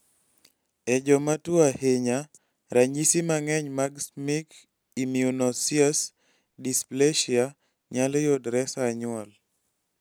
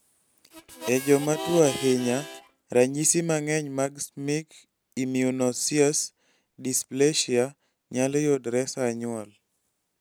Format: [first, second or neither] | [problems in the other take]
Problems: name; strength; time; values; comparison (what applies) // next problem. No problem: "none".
first | background sound (Harmonica); 10 dB below the speech